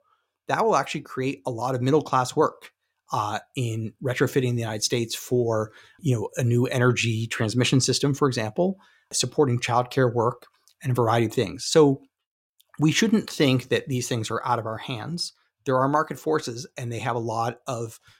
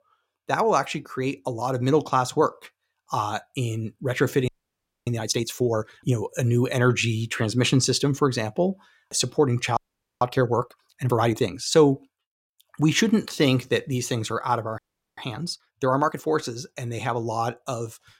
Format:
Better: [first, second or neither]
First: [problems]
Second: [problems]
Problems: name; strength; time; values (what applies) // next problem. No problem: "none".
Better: first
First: none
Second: audio freezing; at 4.5 s for 0.5 s, at 10 s and at 15 s